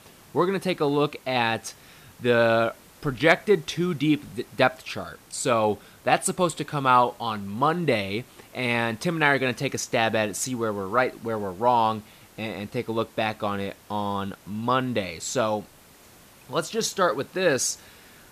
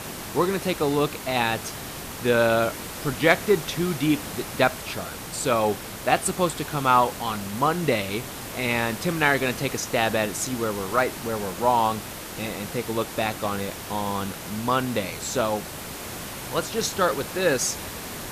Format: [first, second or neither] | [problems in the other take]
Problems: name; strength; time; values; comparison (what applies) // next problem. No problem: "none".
first | hiss; loud; throughout; 9 dB below the speech; faint in the first